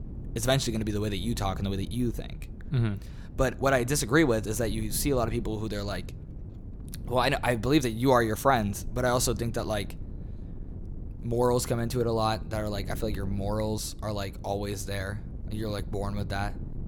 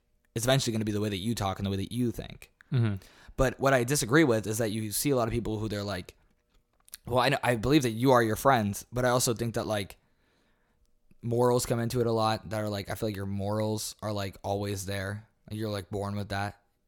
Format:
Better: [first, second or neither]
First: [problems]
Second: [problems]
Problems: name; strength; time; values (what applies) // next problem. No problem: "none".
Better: second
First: wind noise on the microphone; occasional gusts; 20 dB below the speech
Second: none